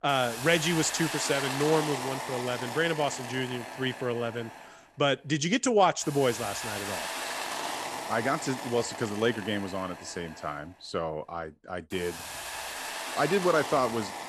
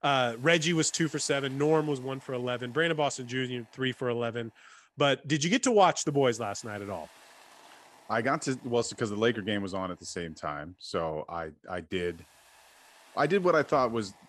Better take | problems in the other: second | hiss; loud; throughout; 6 dB below the speech; faint in the second

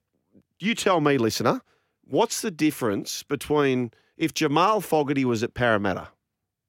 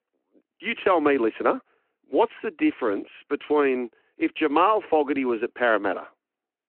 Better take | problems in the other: first | phone-call audio

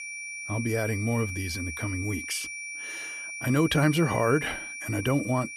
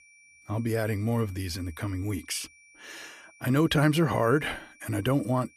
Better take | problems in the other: second | high-pitched whine; loud; throughout; 2.5 kHz, 7 dB below the speech; faint in the second

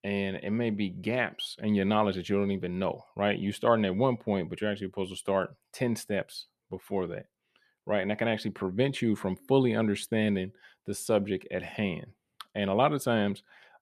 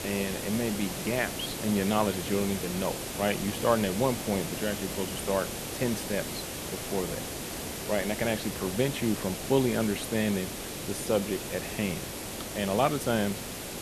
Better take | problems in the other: first | hiss; loud; throughout; 5 dB below the speech

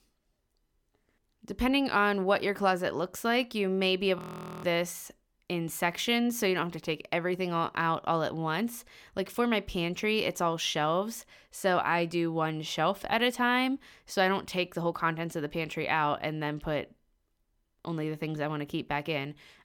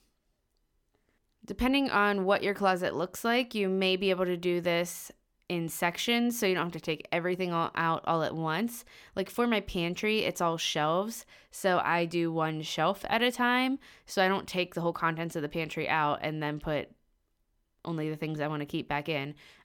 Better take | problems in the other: second | audio freezing; at 4 s

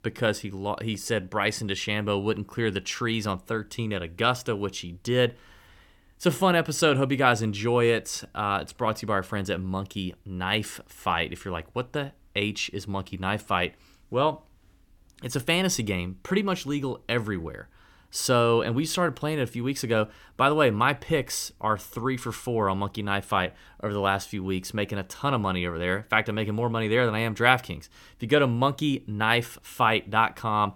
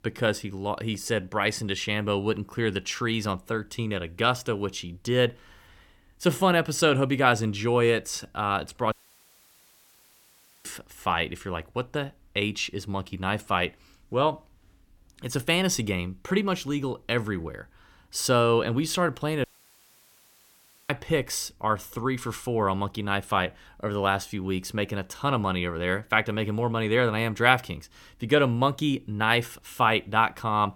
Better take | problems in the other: first | audio cutting out; at 9 s for 1.5 s and at 19 s for 1.5 s

